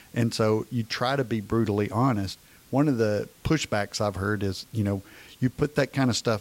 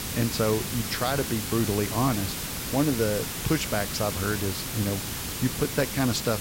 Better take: first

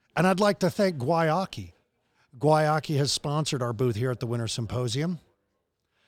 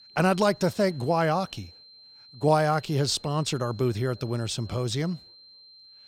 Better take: first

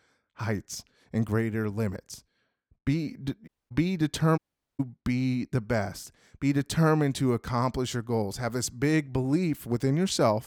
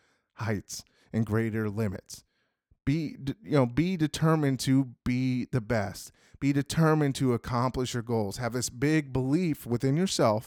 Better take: second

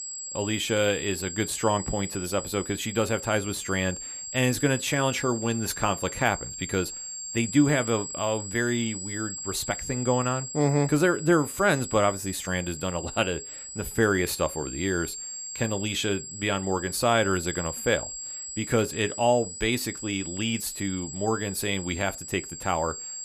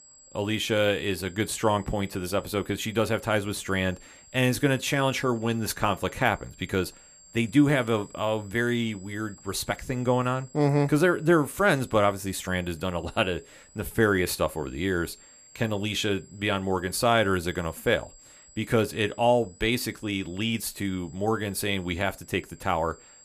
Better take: second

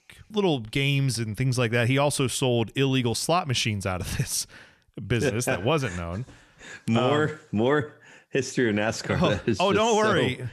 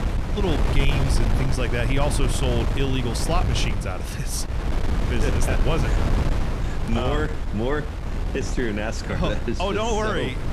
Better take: first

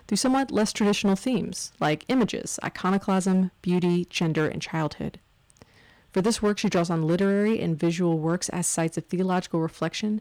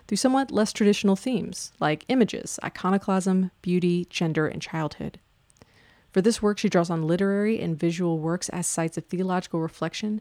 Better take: second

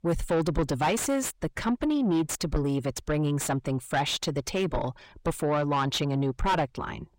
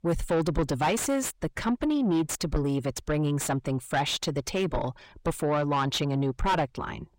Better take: neither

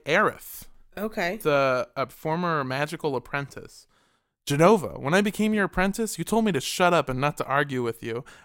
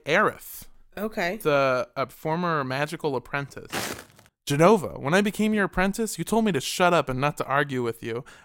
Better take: first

